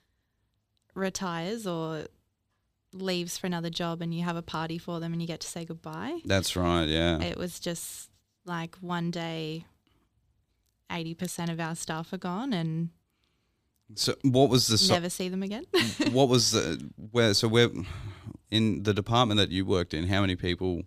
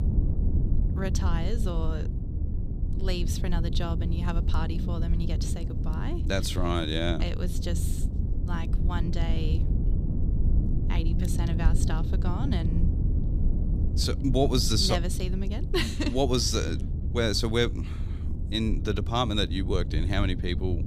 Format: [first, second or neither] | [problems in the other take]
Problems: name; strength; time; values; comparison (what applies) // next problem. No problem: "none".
first | low rumble; noticeable; throughout; 10 dB below the speech